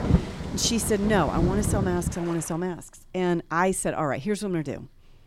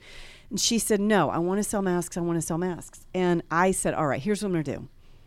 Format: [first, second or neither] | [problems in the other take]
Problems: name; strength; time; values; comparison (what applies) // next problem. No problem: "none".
second | rain or running water; loud; until 2 s; 3 dB below the speech